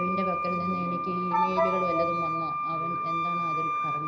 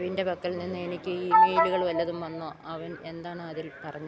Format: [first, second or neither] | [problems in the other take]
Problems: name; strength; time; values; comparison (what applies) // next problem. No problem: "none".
second | background sound (Wind instrument, woodwind instrument); 2 dB above the speech // room echo; dies away in 0.5 s